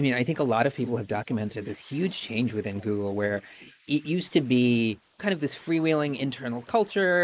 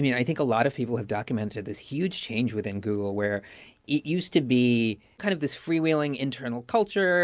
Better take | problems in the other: second | noise reduction (neural mask model Resemble Enhance denoiser)

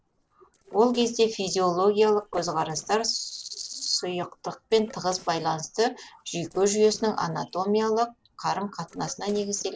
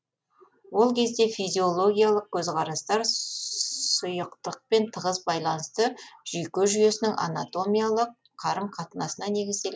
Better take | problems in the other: second | noise reduction (neural separator model SepFormer DNS4)

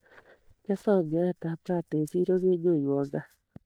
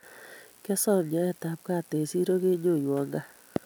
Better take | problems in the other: second | noise reduction (neural mask model DeepFilterNet 3)

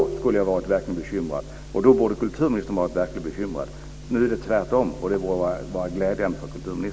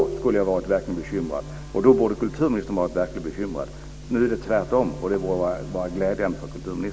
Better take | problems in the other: first | background sound (Bowed string instrument); 20 dB below the speech

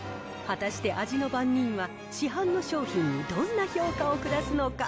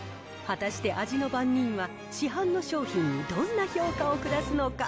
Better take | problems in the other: second | background sound (Organ); 18 dB below the speech

